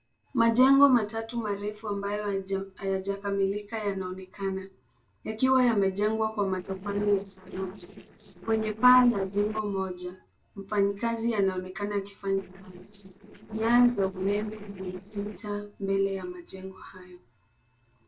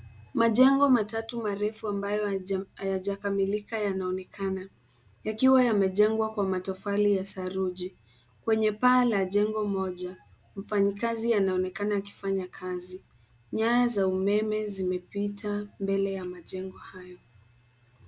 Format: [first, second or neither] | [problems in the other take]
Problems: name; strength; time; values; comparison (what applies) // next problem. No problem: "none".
second | noise reduction (neural separator model SepFormer DNS4)